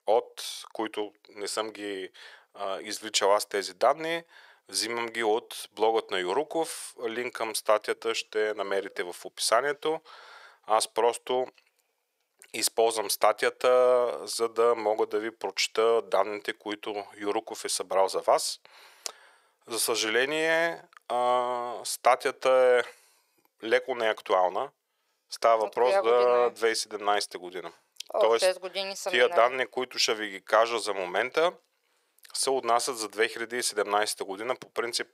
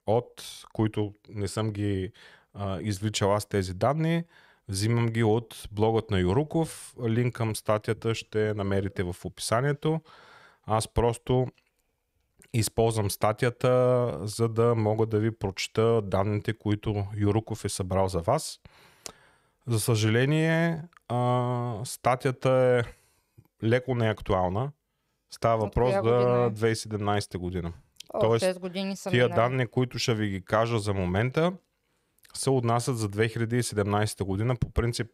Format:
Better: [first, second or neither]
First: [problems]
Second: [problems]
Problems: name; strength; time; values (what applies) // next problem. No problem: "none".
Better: second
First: thin; very; fading below 450 Hz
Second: none